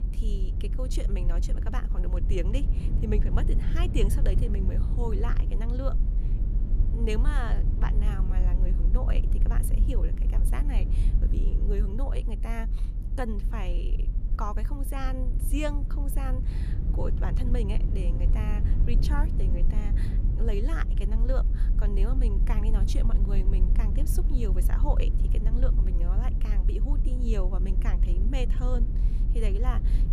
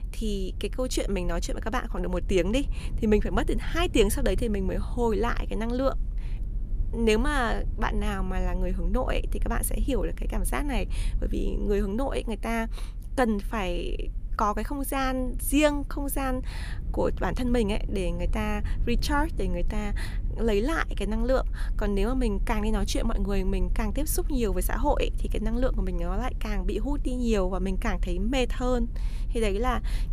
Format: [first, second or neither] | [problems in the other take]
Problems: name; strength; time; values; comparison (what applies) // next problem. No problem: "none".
second | low rumble; loud; throughout; 7 dB below the speech; faint in the second